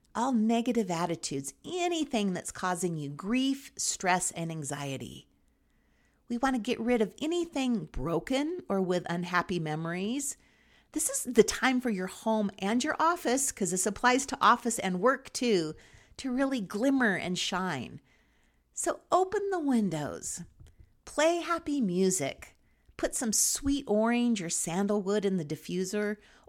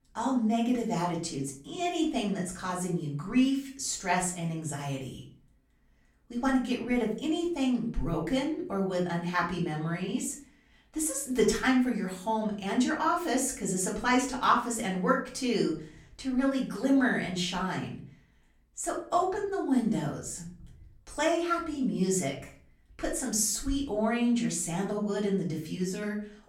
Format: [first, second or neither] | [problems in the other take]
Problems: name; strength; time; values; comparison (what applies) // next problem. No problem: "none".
first | off-mic speech; far // room echo; slight; dies away in 0.4 s